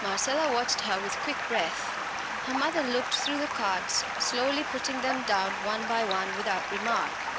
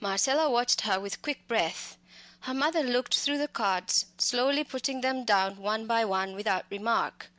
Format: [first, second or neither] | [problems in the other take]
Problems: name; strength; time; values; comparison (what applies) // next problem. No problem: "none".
second | background sound (Stream); 2 dB below the speech